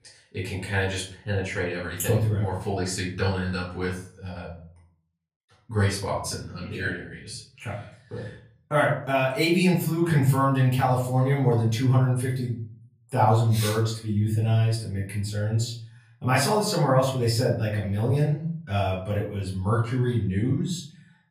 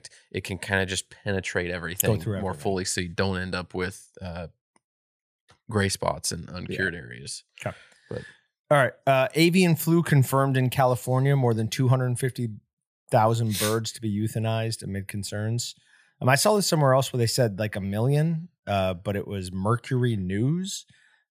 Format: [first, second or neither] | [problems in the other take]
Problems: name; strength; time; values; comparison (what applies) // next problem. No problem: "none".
second | off-mic speech; far // room echo; slight; dies away in 0.5 s